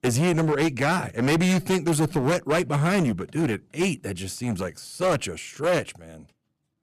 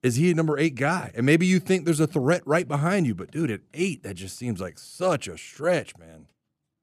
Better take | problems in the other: second | distortion; heavy; 15% of the sound clipped

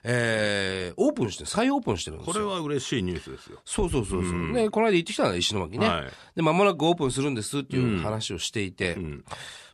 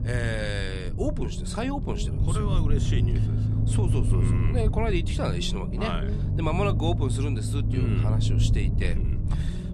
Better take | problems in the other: first | low rumble; loud; throughout; 6 dB below the speech

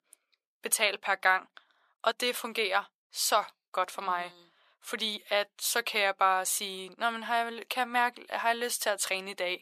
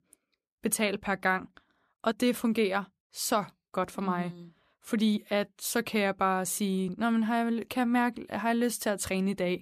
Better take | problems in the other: second | thin; very; fading below 750 Hz

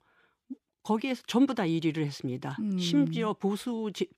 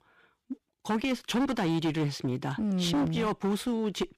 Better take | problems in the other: first | distortion; heavy; 18% of the sound clipped

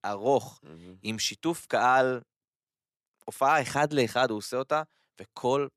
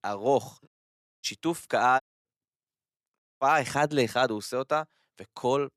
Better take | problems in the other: first | audio cutting out; at 0.5 s for 0.5 s, at 2 s and at 3 s

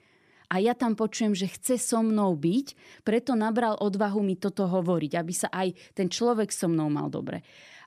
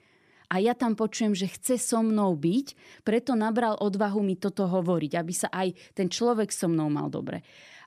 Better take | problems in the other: neither | none

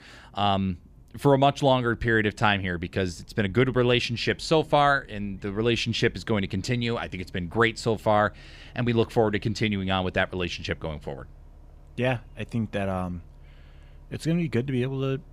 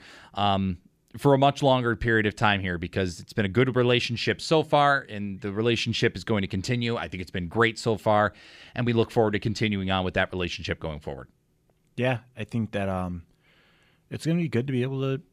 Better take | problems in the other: second | traffic noise; faint; throughout; 25 dB below the speech

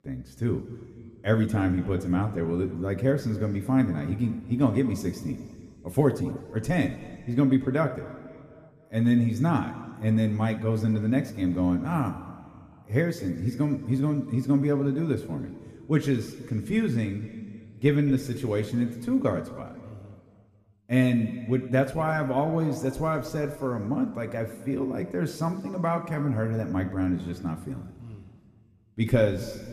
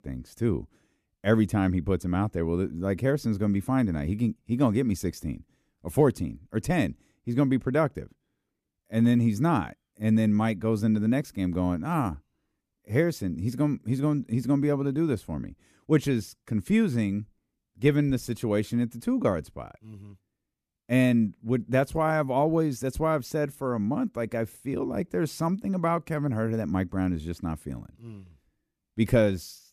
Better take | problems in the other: second | room echo; slight; dies away in 1.9 s

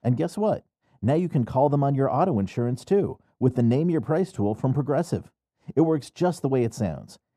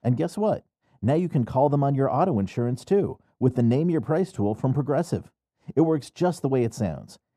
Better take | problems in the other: neither | muffled; very; fading above 1 kHz; the same in both

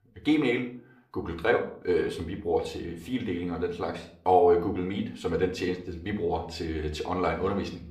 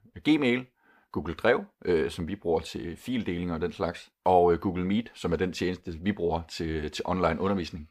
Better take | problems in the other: second | room echo; slight; dies away in 0.4 s // off-mic speech; somewhat distant

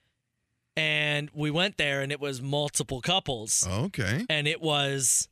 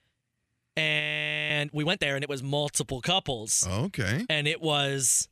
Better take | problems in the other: first | audio freezing; at 1 s for 0.5 s

